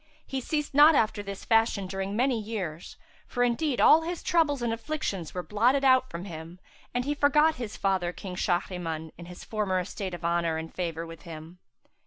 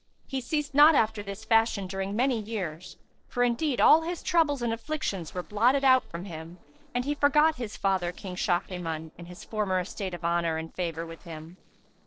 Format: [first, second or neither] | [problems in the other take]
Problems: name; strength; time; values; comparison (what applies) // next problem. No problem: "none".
first | noise reduction (neural separator model SepFormer DNS4)